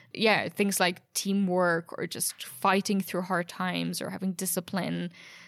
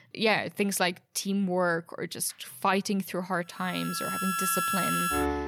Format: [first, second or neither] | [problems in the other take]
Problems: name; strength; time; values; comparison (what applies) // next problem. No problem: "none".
first | background music; very loud; from 4 s on; 1 dB above the speech